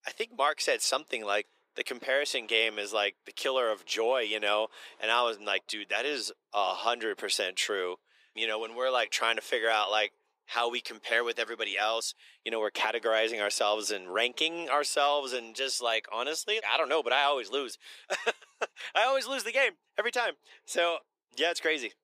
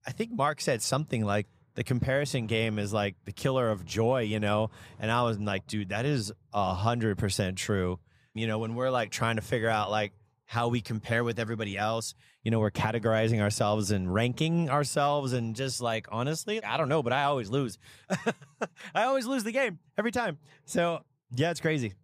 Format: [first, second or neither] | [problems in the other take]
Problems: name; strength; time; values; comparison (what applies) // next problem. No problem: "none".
second | thin; very; fading below 350 Hz